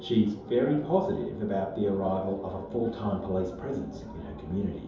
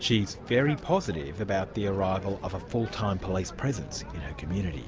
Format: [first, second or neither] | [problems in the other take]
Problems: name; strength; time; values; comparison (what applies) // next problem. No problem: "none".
second | room echo; dies away in 2.8 s